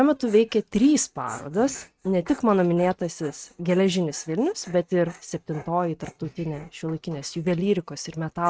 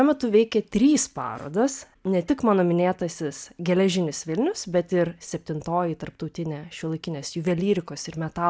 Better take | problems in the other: second | noise reduction (neural mask model RNNoise)

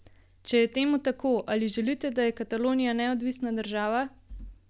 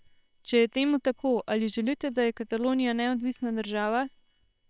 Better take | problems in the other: first | noise reduction (neural separator model SepFormer WHAM!)

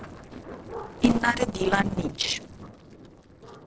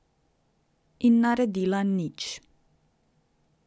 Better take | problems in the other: second | noise reduction (neural separator model SepFormer DNS4)

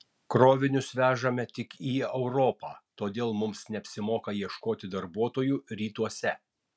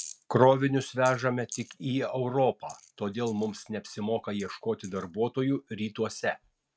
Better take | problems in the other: first | noise reduction (neural mask model RNNoise)

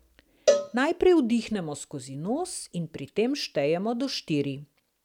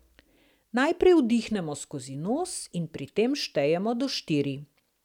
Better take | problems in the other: second | background sound (Cowbell); 3 dB below the speech

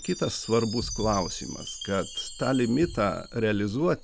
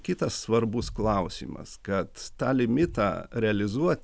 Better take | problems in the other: second | background sound (Chime); 13 dB below the speech

